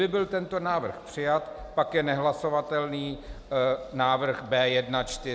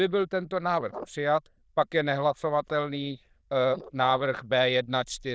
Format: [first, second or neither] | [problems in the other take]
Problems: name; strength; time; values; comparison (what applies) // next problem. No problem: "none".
first | noise reduction (neural diffusion model UNIVERSE++)